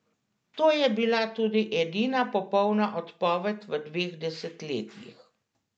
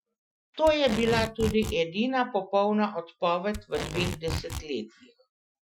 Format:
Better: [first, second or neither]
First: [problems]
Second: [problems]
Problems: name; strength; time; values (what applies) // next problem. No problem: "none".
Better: first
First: none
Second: noise reduction (classical method Wiener filter)